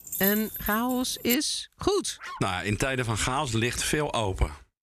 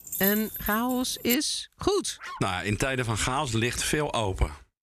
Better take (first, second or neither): neither